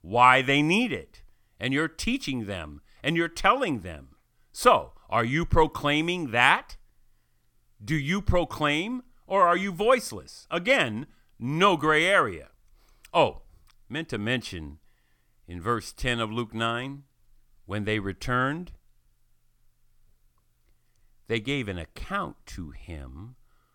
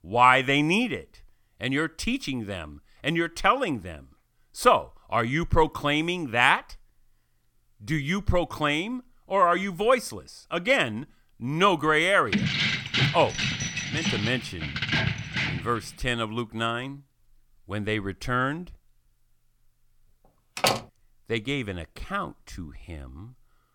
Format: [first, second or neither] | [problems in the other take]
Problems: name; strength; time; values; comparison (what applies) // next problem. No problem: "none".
first | jangling keys; loud; from 12 to 16 s; peak 2 dB above the speech // door banging; loud; at 21 s; peak level with the speech